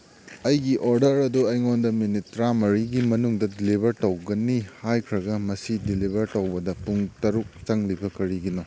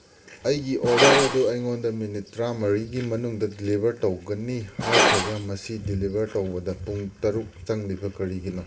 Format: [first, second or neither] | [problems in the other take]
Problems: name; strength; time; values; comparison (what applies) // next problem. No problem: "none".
first | background sound (Glass); 3 dB below the speech // room echo; dies away in 0.4 s